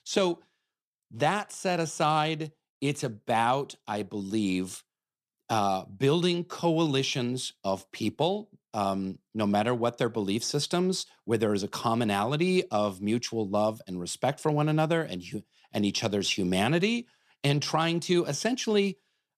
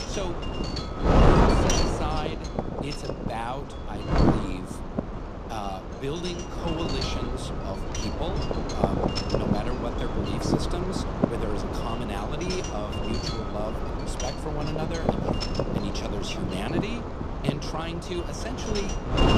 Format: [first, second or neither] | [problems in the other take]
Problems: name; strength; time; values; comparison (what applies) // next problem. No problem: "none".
first | wind noise on the microphone; heavy; 5 dB above the speech